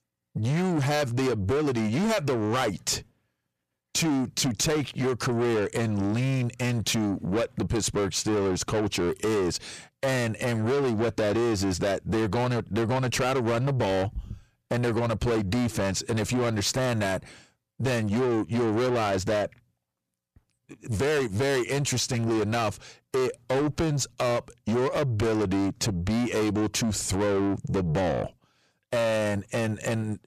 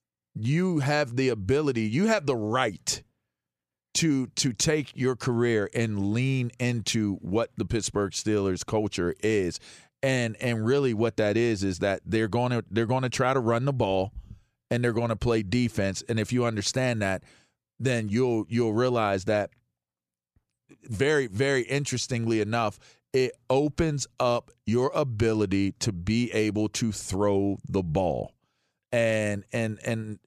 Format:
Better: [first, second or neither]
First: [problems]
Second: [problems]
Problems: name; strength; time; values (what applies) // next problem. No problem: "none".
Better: second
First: distortion; heavy; 7 dB below the speech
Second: none